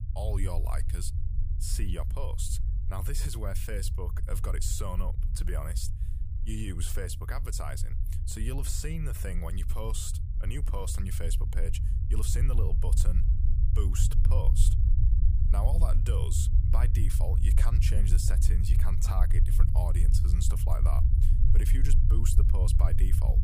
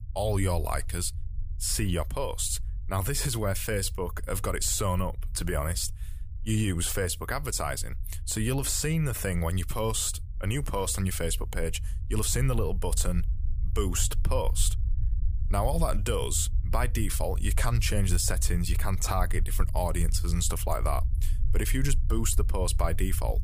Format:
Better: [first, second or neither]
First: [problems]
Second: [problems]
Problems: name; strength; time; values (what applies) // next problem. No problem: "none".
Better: second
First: low rumble; loud; throughout; 6 dB below the speech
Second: low rumble; faint; throughout; 20 dB below the speech